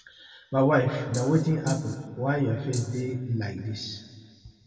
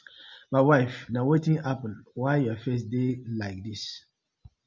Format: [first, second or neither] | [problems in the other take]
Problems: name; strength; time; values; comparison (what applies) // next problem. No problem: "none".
second | background sound (Rattle (instrument)); 15 dB below the speech // room echo; dies away in 2.2 s